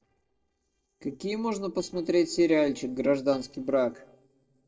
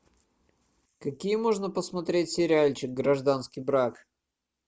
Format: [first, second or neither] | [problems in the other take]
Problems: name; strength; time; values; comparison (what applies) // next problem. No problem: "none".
second | noise reduction (neural separator model SepFormer DNS4)